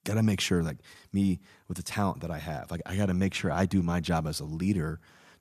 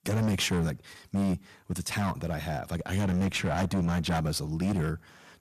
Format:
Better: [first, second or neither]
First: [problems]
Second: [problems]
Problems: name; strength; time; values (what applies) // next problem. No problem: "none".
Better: first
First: none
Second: distortion; heavy; 14% of the sound clipped